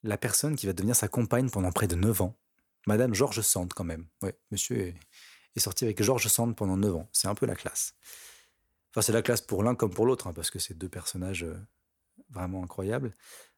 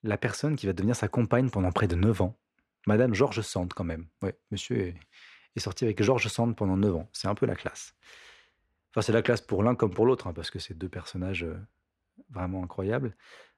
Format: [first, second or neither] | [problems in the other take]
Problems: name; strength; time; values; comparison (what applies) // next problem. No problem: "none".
first | muffled; slightly; fading above 3 kHz